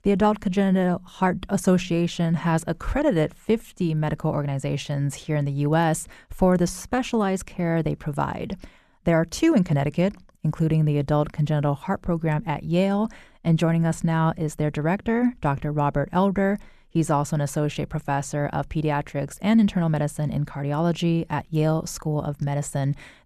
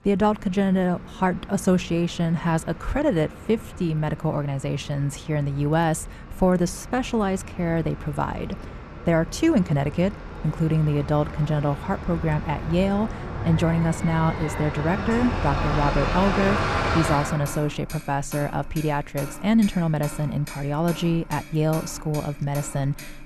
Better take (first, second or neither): first